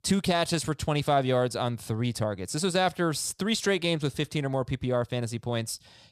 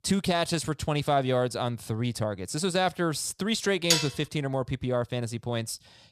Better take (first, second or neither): first